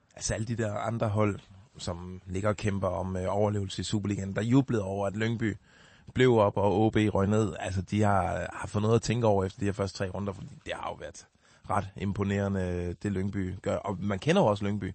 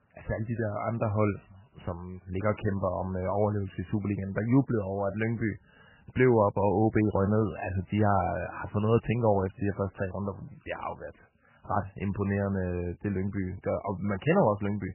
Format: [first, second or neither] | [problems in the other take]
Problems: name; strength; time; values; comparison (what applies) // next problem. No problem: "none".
first | garbled, watery; badly; nothing above 3 kHz; slightly in the first